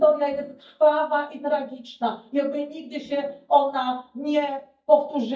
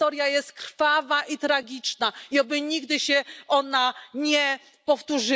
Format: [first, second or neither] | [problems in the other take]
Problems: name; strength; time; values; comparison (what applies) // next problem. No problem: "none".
second | noise reduction (neural mask model DeepFilterNet 3)